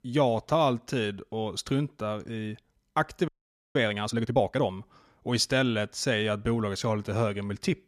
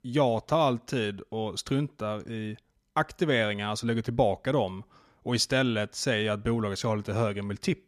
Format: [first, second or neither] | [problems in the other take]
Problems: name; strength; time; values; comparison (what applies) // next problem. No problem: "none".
second | audio freezing; at 3.5 s